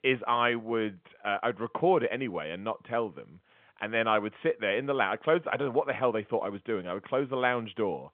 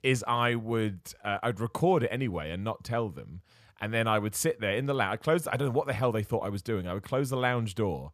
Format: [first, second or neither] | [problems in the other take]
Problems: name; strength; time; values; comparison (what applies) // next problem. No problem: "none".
second | phone-call audio; nothing above 3.5 kHz